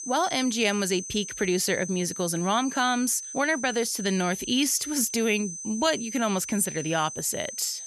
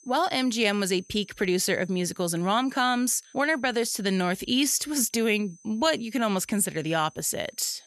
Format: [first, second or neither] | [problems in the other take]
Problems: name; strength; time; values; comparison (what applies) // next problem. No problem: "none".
second | high-pitched whine; loud; throughout; 6 kHz, 9 dB below the speech; faint in the second